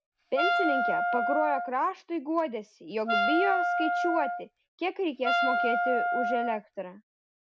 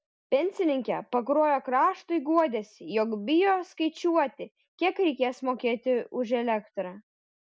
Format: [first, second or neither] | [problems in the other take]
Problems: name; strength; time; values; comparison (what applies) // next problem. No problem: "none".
second | background sound (Wind instrument, woodwind instrument); 3 dB above the speech